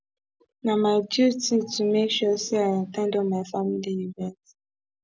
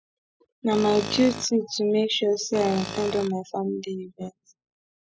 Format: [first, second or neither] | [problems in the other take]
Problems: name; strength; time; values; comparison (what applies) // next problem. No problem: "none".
first | noise reduction (classical method spectral subtraction)